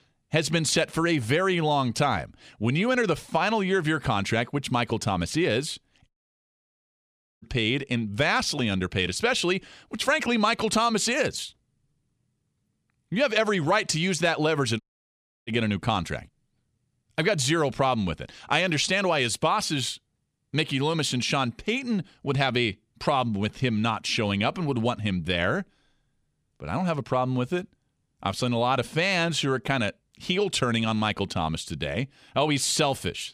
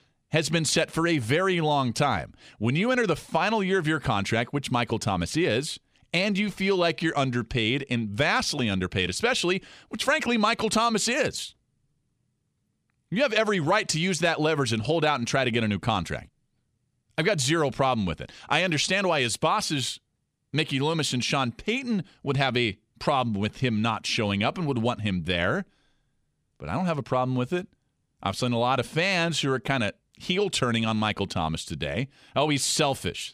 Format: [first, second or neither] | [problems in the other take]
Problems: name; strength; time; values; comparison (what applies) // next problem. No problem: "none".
second | audio cutting out; at 6 s for 1.5 s and at 15 s for 0.5 s